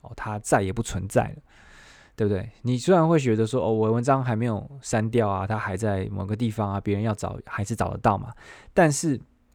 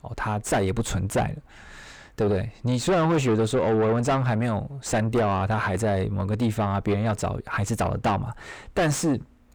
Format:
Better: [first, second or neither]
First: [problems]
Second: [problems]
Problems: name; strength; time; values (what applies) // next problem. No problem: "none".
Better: first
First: none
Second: distortion; heavy; 5 dB below the speech